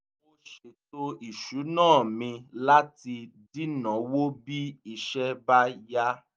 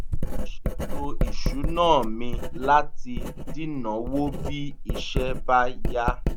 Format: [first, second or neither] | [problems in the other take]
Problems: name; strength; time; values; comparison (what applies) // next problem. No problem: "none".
first | background sound (Writing); 2 dB above the speech